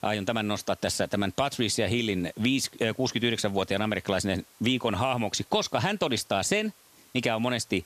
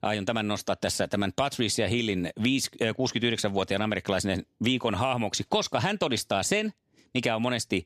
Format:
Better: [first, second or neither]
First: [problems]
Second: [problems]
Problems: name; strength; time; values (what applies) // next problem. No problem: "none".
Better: second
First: hiss; faint; throughout; 25 dB below the speech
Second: none